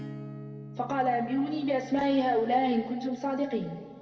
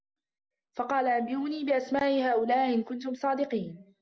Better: second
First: background sound (Acoustic guitar / Strum); 16 dB below the speech // room echo; dies away in 2.2 s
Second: none

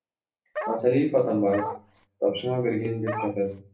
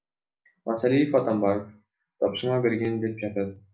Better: second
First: background sound (Bark); 7 dB below the speech // room echo; dies away in 0.3 s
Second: none

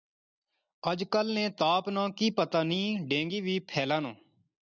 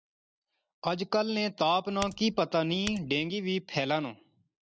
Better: first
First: none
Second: background sound (Typing); 13 dB below the speech

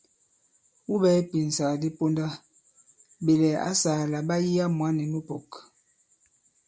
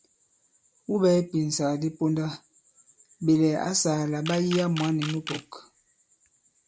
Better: first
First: none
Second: background sound (Camera); 12 dB below the speech

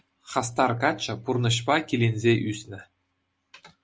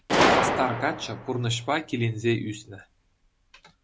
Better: first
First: none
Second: background sound (Gunshot, gunfire); 1 dB above the speech

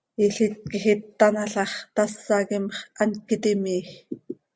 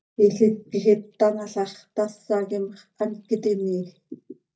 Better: first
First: none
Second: noise reduction (neural mask model DeepFilterNet 3)

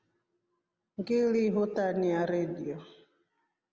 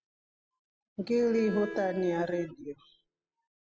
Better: first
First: none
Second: noise reduction (classical method spectral subtraction)

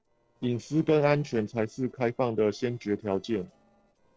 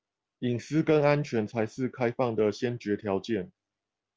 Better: second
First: noise reduction (neural separator model SepFormer DNS4)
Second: none

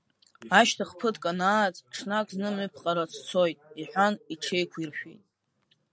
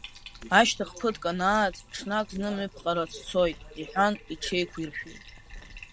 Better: first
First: none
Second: background sound (Keys jangling + Bathtub (filling or washing)); 18 dB below the speech

